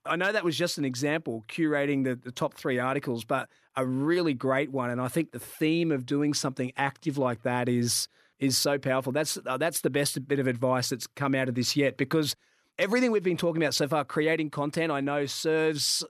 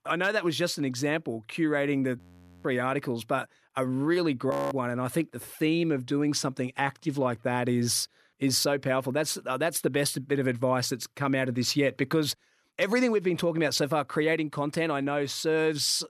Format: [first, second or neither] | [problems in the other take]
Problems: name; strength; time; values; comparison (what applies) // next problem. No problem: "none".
first | audio freezing; at 2 s and at 4.5 s